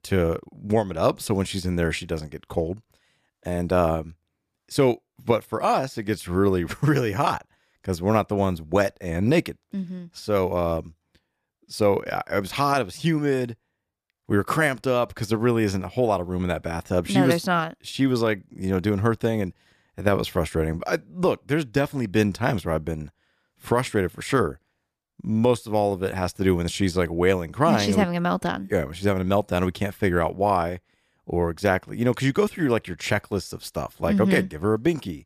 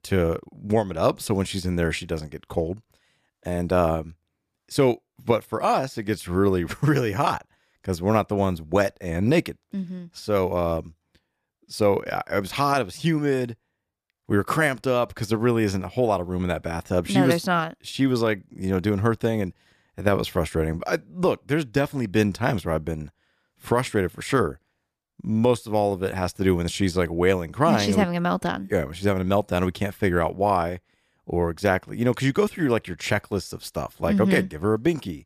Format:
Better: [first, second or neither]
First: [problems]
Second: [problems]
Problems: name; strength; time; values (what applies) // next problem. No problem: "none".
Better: neither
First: none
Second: none